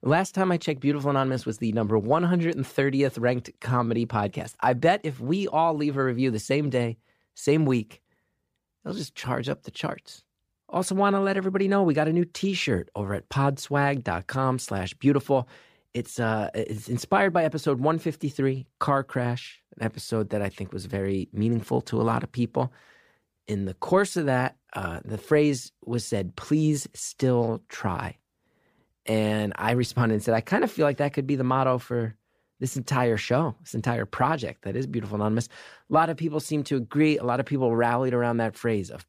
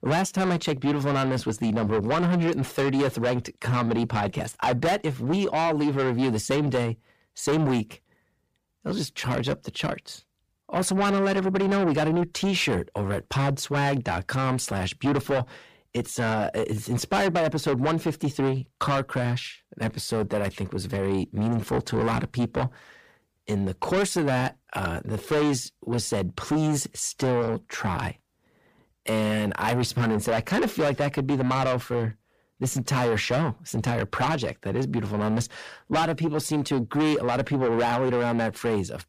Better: first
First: none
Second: distortion; heavy; 6 dB below the speech

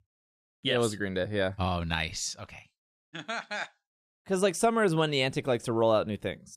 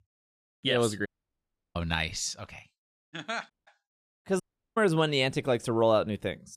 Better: first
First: none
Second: audio cutting out; at 1 s for 0.5 s, at 3.5 s and at 4.5 s

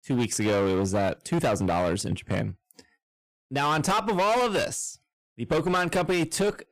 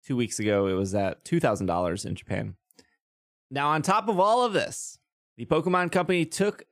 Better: second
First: distortion; heavy; 17% of the sound clipped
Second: none

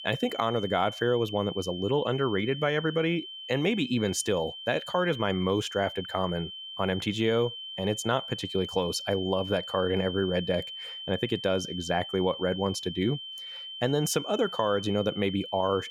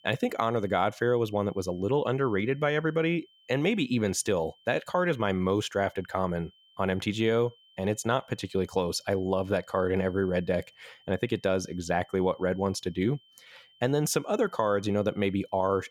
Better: second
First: high-pitched whine; loud; throughout; 3 kHz, 9 dB below the speech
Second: high-pitched whine; faint; throughout; 3 kHz, 30 dB below the speech

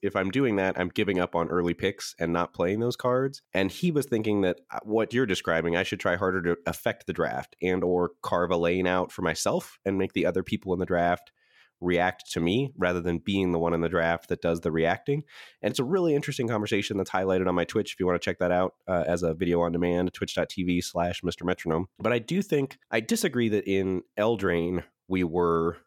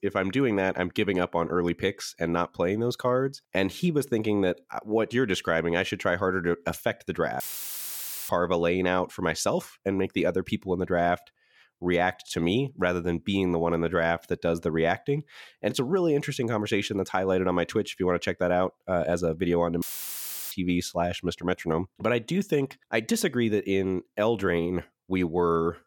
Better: first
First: none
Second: audio cutting out; filled with static; at 7.5 s for 1 s and at 20 s for 0.5 s

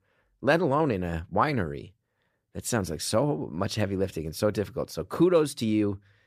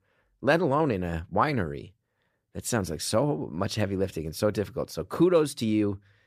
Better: neither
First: none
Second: none

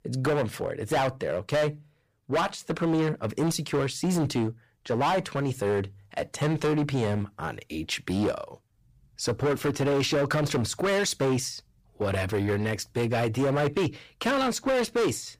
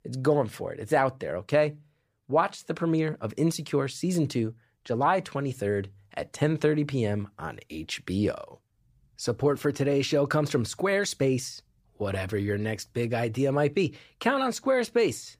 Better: second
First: distortion; heavy; 15% of the sound clipped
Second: none

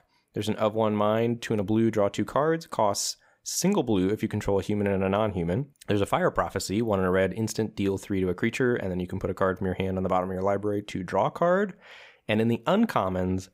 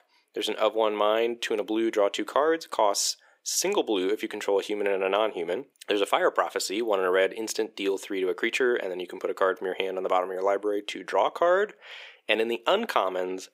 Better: first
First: none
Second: thin; somewhat; fading below 350 Hz

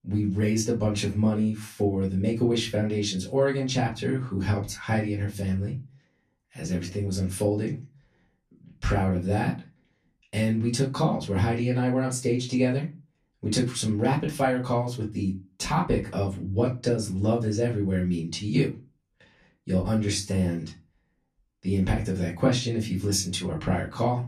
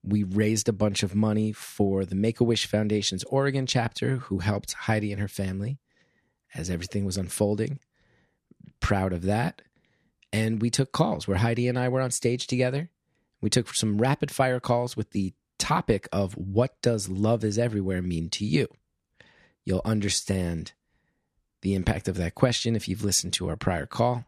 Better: second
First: off-mic speech; far // room echo; very slight; dies away in 0.2 s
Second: none

